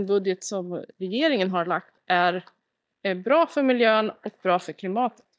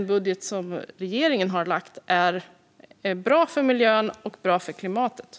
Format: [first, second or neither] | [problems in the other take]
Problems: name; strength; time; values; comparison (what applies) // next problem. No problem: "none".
second | noise reduction (neural mask model DeepFilterNet 3)